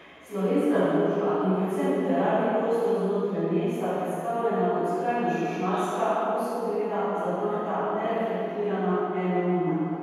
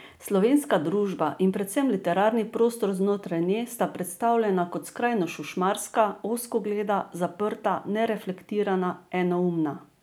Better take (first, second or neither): second